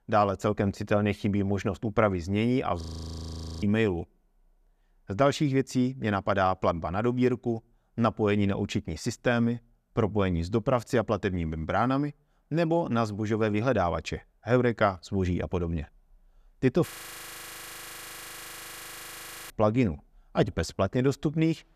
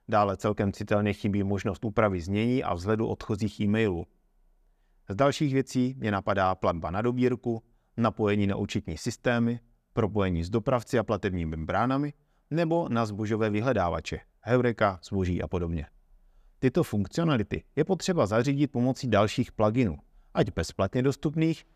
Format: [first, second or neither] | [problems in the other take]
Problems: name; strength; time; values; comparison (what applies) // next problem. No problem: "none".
second | audio freezing; at 3 s for 1 s and at 17 s for 2.5 s